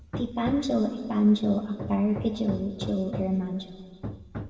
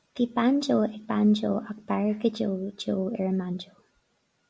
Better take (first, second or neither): second